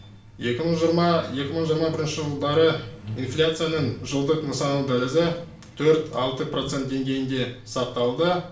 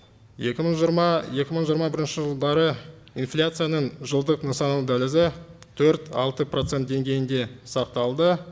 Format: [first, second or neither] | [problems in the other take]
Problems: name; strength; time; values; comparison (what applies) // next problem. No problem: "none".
second | background sound (Truck); 17 dB below the speech // room echo; dies away in 0.4 s